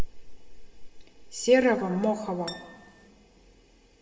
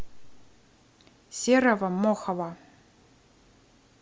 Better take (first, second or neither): second